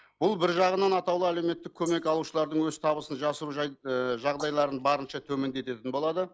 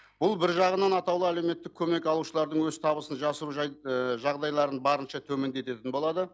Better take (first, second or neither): second